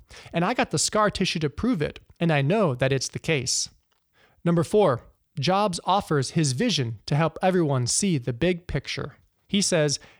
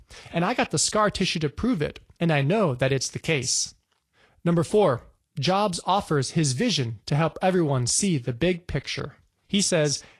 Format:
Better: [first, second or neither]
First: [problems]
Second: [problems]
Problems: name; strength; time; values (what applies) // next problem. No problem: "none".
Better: first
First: none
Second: garbled, watery; slightly